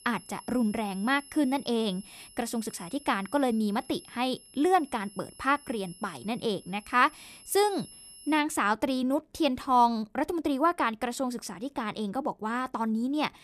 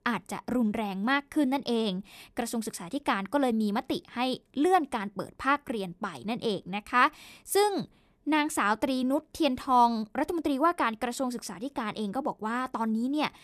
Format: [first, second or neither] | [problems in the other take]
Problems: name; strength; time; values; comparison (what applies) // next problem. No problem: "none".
second | high-pitched whine; noticeable; until 8.5 s; 11 kHz, 20 dB below the speech